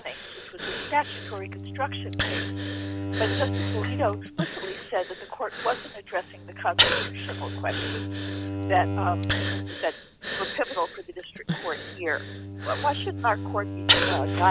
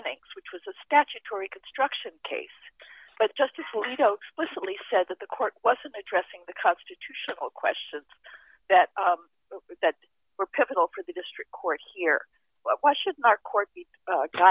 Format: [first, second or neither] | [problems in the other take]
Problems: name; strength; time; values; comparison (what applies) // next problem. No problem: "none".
second | background sound (Breathing + Bowed string instrument); 1 dB above the speech